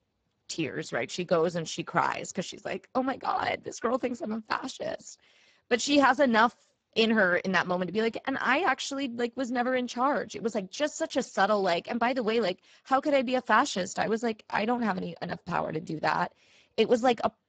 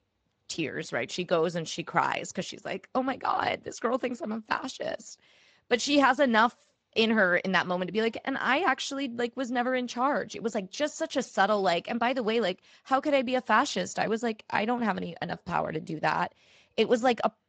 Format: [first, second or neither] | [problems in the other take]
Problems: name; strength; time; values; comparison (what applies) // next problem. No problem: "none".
second | garbled, watery; badly; nothing above 7.5 kHz; slightly in the second